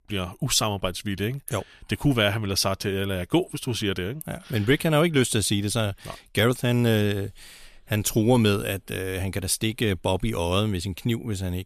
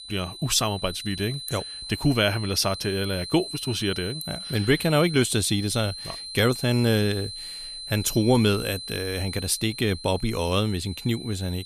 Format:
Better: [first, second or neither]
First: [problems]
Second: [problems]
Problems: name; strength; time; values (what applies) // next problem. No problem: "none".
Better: first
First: none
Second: high-pitched whine; loud; throughout; 4 kHz, 10 dB below the speech